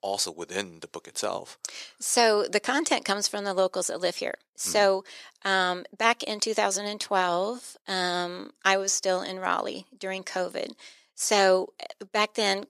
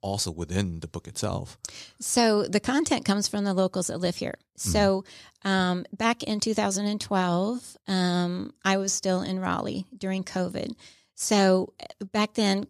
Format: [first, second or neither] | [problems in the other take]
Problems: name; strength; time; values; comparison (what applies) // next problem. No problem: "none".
second | thin; somewhat; fading below 450 Hz